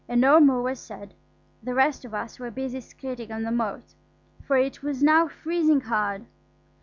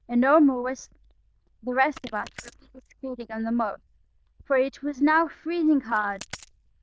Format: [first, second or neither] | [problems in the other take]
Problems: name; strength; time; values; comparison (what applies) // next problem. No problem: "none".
first | noise reduction (neural diffusion model UNIVERSE++)